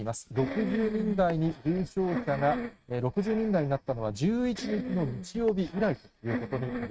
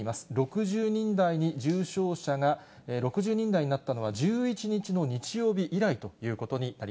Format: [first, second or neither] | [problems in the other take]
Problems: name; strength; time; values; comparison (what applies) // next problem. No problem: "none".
second | noise reduction (neural mask model RNNoise)